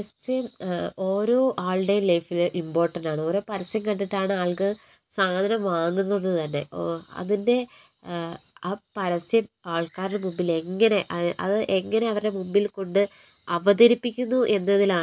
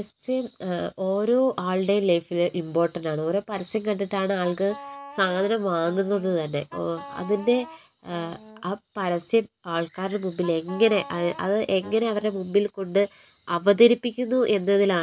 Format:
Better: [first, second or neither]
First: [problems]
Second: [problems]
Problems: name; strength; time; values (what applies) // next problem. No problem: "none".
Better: first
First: none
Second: background sound (Wind instrument, woodwind instrument); 18 dB below the speech